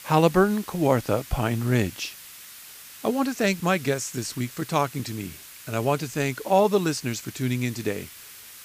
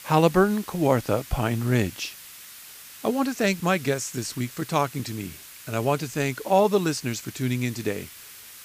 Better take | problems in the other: neither | hiss; noticeable; throughout; 15 dB below the speech; the same in both

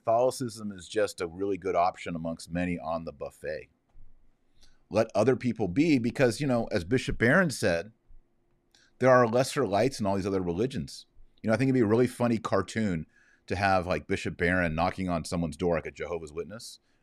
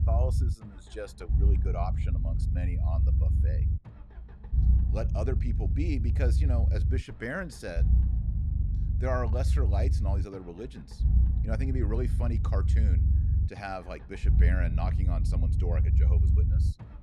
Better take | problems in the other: first | low rumble; loud; throughout; 6 dB below the speech

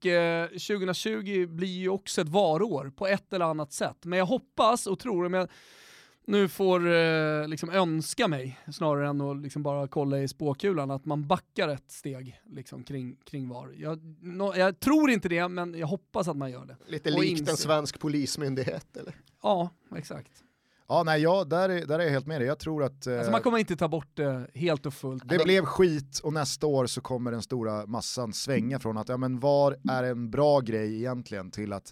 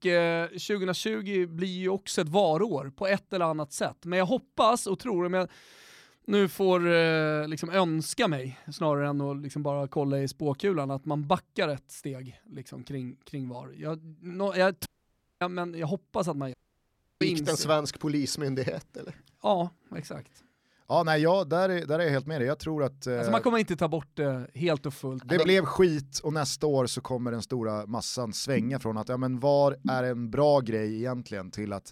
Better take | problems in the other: first | audio cutting out; at 15 s for 0.5 s and at 17 s for 0.5 s

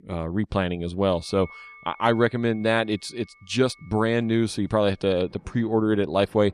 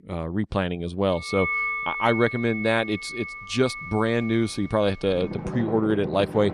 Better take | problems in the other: first | background music; loud; from 1.5 s on; 6 dB below the speech; faint in the first

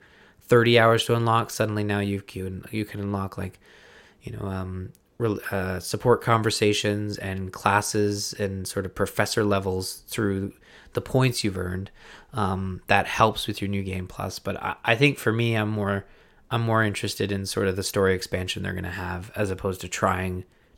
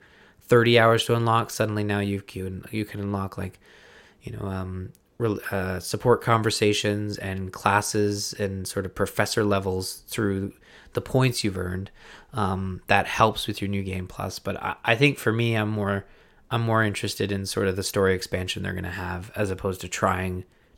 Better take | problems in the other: neither | none

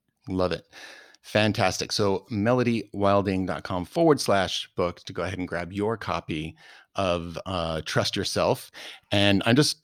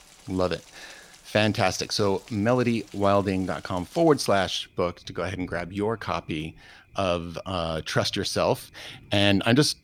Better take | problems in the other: first | rain or running water; faint; throughout; 25 dB below the speech

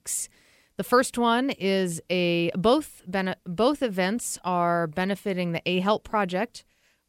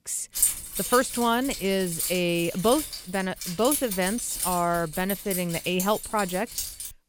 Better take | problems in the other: first | jangling keys; loud; peak 4 dB above the speech

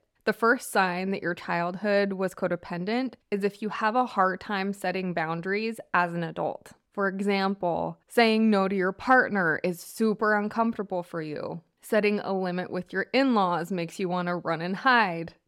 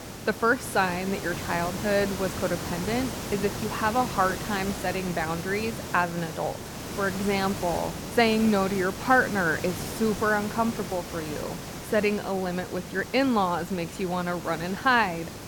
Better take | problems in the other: first | hiss; loud; throughout; 8 dB below the speech

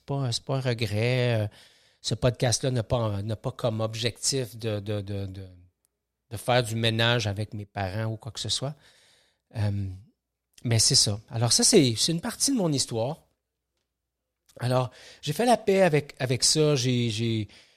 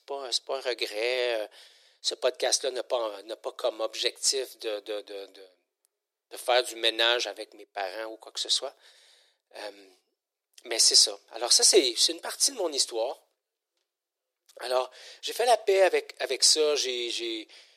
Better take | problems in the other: first | thin; very; fading below 350 Hz

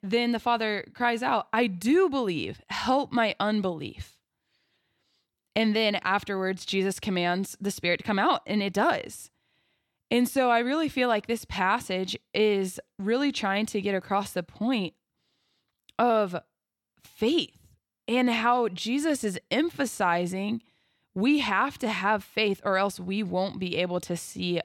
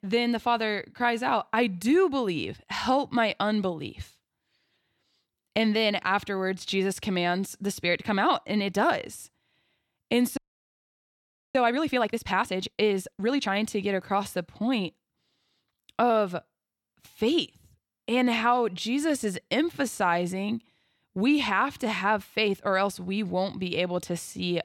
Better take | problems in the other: first | audio freezing; at 10 s for 1 s

